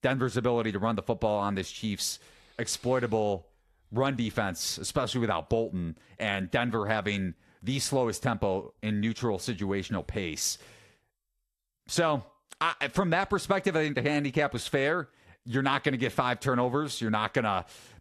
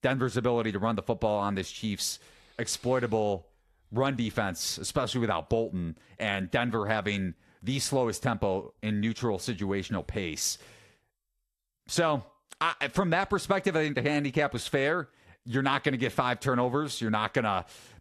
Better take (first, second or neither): neither